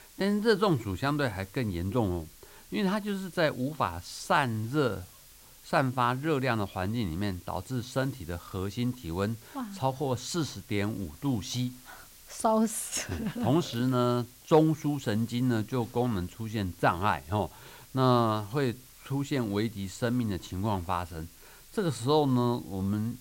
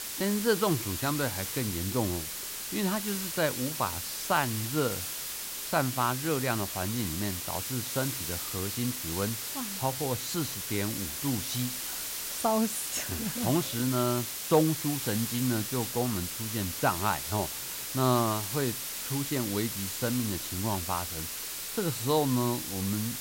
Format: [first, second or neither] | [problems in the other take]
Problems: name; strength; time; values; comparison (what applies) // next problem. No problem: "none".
first | hiss; loud; throughout; 2 dB below the speech; faint in the first